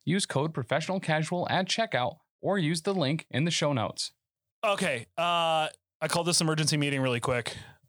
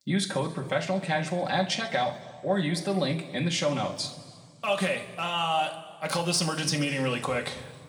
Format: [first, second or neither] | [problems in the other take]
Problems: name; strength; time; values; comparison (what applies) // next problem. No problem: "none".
first | room echo; slight; dies away in 1.9 s